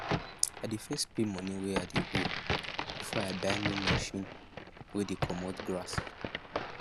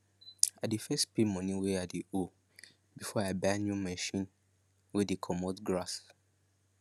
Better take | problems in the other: second | background sound (Crack); as loud as the speech

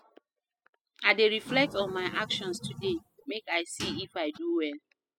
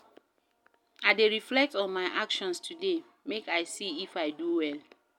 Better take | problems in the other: second | noise reduction (classical method spectral subtraction)

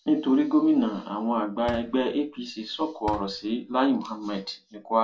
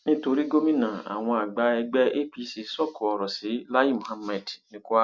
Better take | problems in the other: second | background sound (Fireworks); 19 dB below the speech // room echo; dies away in 0.2 s

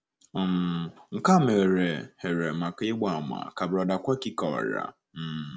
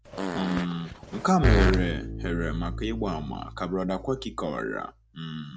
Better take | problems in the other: first | background sound (Bowed string instrument + Fart); 1 dB below the speech

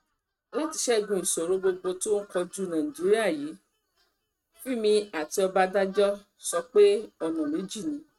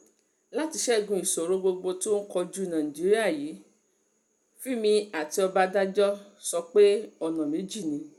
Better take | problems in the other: second | noise reduction (neural mask model RNNoise)

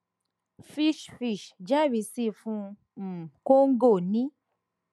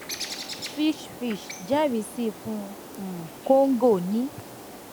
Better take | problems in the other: first | background sound (Bird); 13 dB below the speech

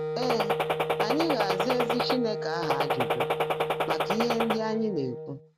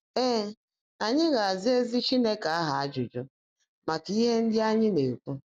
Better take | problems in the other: second | background sound (Gunshot, gunfire + Wind instrument, woodwind instrument); 3 dB above the speech

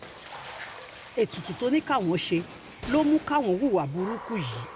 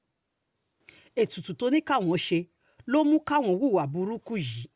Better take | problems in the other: second | background sound (Water / Splash, splatter + Gunshot, gunfire); 14 dB below the speech

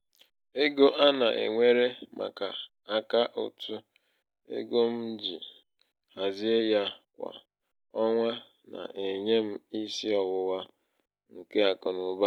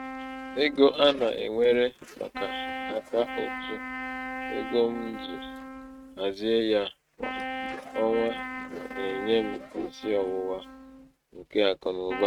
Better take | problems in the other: first | noise reduction (neural mask model RNNoise)

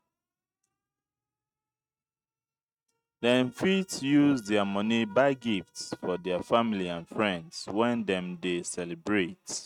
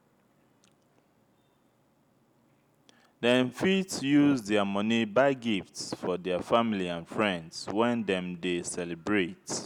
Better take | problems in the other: second | noise reduction (neural mask model RNNoise)

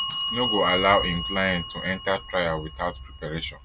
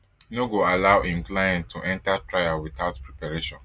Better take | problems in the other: second | background sound (Bell); 6 dB below the speech

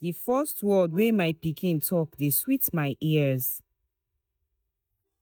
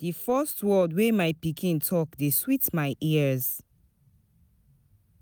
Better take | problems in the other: second | noise reduction (neural mask model DeepFilterNet 3)

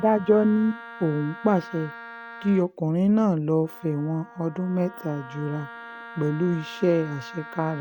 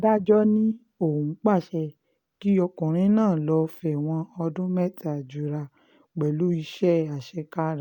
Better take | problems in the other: second | background sound (Wind instrument, woodwind instrument); 17 dB below the speech

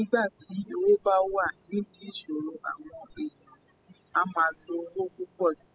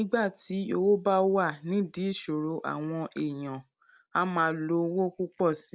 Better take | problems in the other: second | noise reduction (classical method spectral subtraction)

